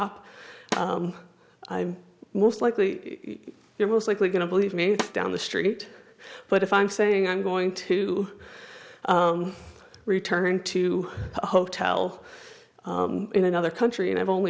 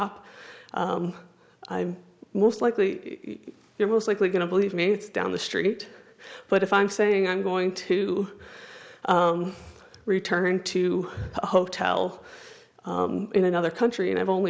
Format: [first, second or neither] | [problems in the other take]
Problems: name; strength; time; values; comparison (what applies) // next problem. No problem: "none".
second | background sound (Snare drum); 12 dB below the speech